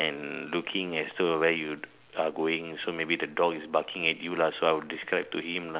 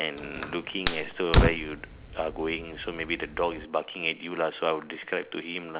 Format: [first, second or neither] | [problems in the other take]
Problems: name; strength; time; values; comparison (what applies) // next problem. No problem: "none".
first | background sound (Fire); 2 dB above the speech